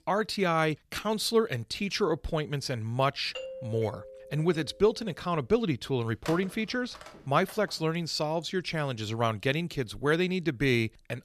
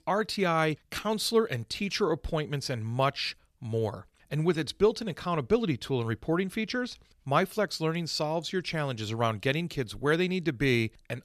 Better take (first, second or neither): second